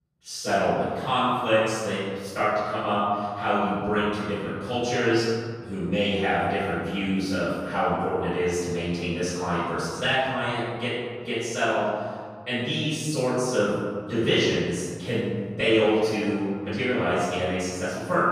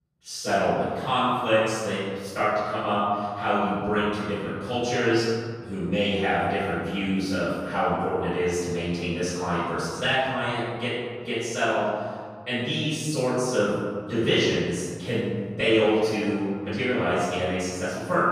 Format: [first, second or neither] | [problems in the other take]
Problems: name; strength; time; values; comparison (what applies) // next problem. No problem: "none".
neither | off-mic speech; far; the same in both // room echo; strong; dies away in 1.8 s; the same in both